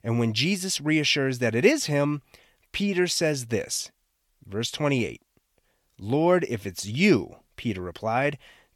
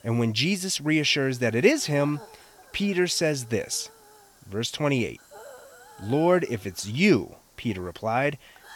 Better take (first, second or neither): first